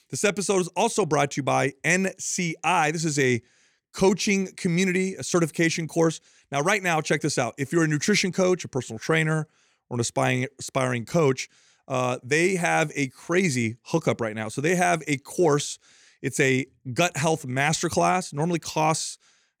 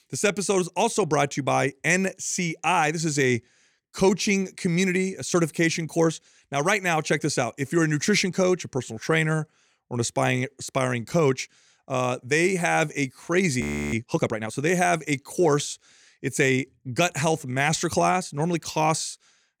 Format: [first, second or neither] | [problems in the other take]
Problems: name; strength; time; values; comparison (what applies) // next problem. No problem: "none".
first | audio freezing; at 14 s